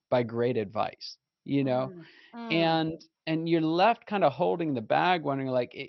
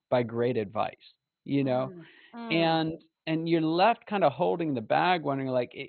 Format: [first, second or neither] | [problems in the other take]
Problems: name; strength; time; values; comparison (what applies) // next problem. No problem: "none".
first | garbled, watery; badly; nothing above 4 kHz; slightly in the first